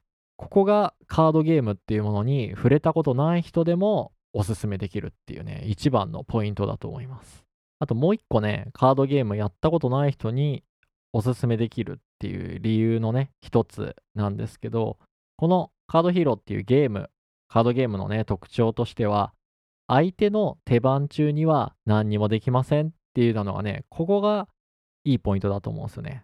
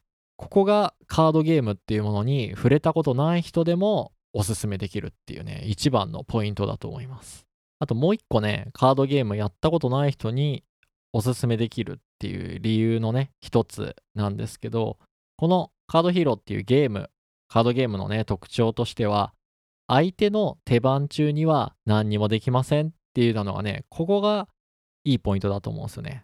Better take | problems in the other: second | muffled; slightly; fading above 3 kHz

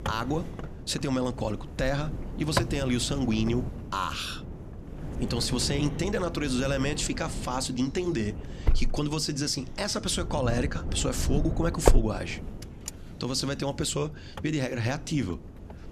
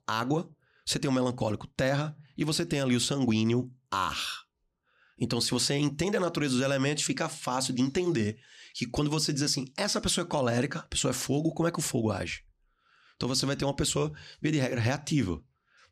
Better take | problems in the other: second | wind noise on the microphone; heavy; 8 dB below the speech

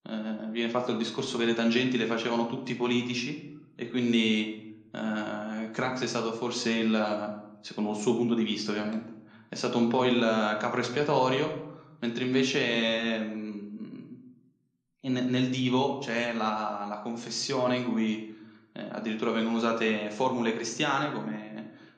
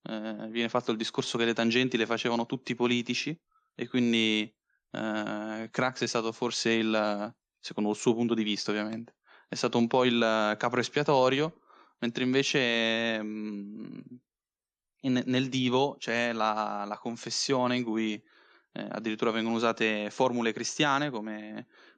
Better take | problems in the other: second | room echo; slight; dies away in 0.6 s

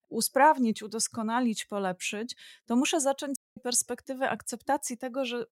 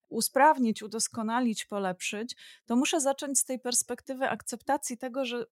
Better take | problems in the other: second | audio cutting out; at 3.5 s

